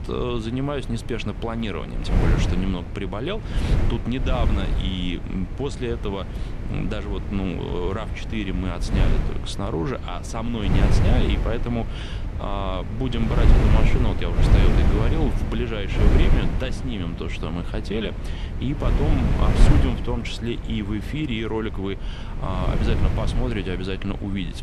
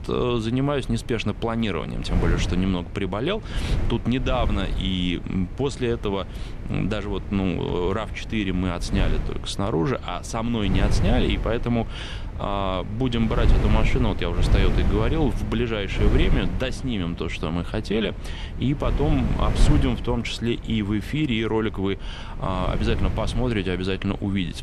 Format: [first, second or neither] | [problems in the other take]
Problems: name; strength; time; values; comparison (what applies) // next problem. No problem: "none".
second | wind noise on the microphone; heavy; 4 dB below the speech; occasional gusts in the second